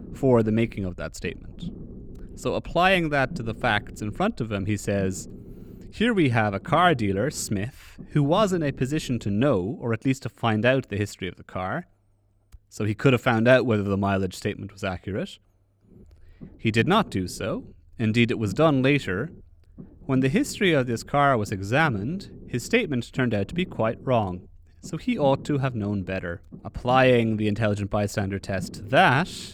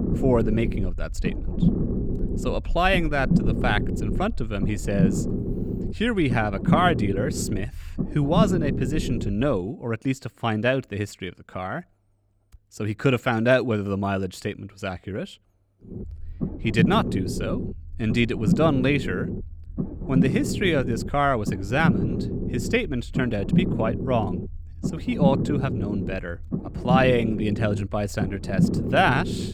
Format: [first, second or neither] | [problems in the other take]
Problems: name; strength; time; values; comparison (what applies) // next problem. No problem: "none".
first | low rumble; loud; until 9.5 s and from 16 s on; 8 dB below the speech; faint in the first